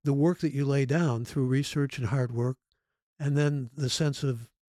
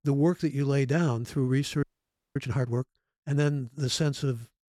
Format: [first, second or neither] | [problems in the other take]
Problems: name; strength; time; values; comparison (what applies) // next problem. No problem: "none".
first | audio freezing; at 2 s for 0.5 s